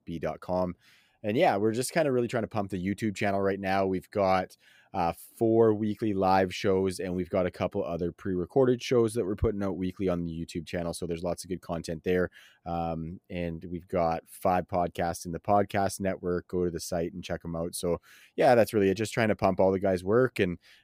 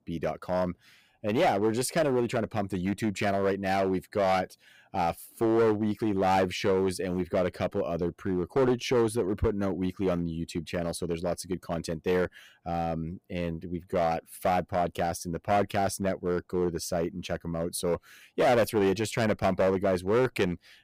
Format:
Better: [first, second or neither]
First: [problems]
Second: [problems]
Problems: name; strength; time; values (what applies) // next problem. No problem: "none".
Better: first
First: none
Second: distortion; slight; 6% of the sound clipped